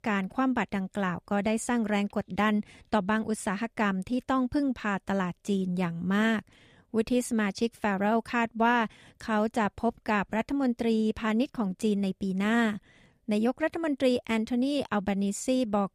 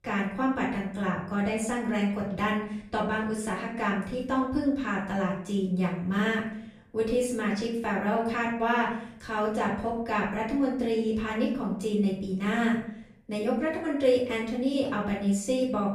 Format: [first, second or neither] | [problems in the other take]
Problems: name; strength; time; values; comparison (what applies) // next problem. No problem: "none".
first | off-mic speech; far // room echo; noticeable; dies away in 0.5 s